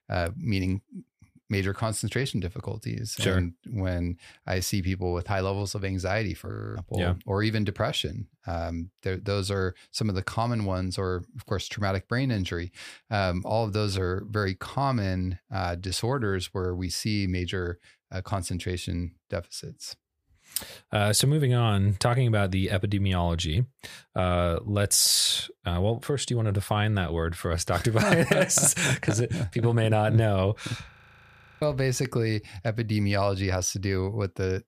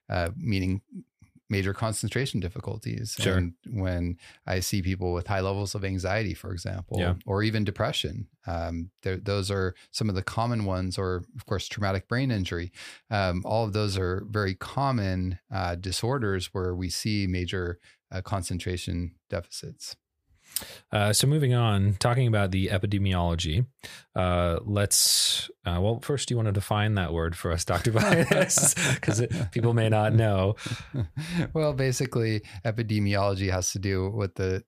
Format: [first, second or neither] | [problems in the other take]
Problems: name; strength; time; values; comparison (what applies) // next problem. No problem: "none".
second | audio freezing; at 6.5 s and at 31 s for 0.5 s